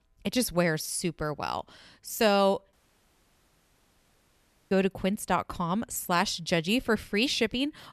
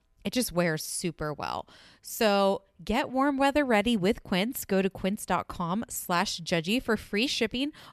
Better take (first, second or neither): second